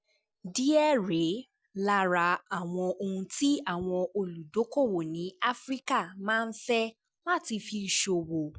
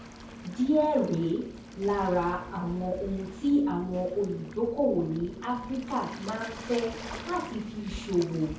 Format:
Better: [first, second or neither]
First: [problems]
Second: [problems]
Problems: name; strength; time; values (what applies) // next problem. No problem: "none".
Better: first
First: none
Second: background sound (Waves, surf); 12 dB below the speech // room echo; dies away in 0.6 s